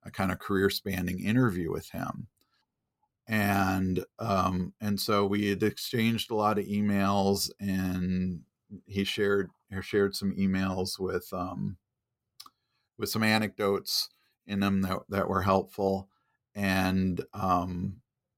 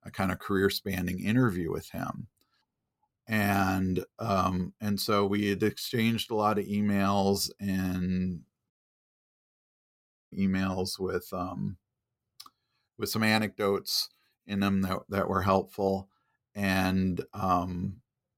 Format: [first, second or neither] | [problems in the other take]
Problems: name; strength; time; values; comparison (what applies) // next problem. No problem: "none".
first | audio cutting out; at 8.5 s for 1.5 s